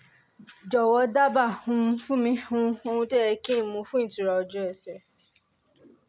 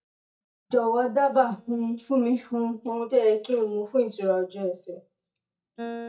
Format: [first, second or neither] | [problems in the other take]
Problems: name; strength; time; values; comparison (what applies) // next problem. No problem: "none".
first | noise reduction (neural mask model DeepFilterNet 3)